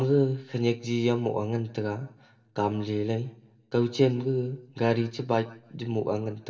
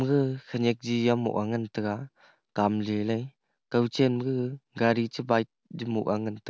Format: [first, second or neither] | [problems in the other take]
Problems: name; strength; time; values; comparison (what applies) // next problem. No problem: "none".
second | room echo; dies away in 0.8 s